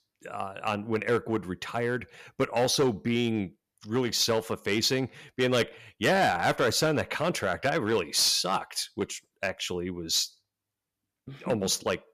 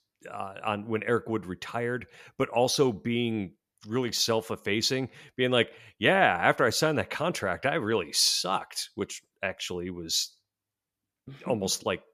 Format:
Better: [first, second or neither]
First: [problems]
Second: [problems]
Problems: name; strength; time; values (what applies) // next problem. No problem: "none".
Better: second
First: distortion; slight; 4% of the sound clipped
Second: none